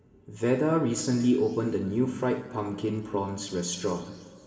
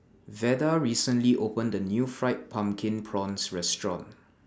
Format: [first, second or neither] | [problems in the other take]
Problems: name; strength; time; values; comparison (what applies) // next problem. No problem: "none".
second | room echo; dies away in 1.9 s